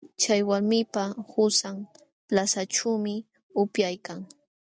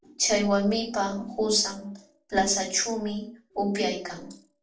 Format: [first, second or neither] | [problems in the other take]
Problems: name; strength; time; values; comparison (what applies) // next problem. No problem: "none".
first | room echo; dies away in 0.4 s